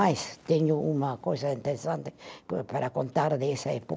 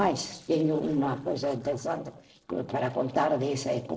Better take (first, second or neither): first